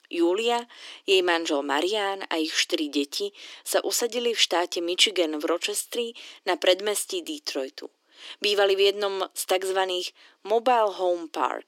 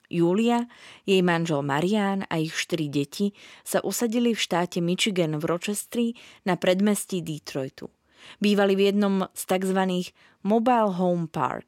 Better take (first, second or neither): second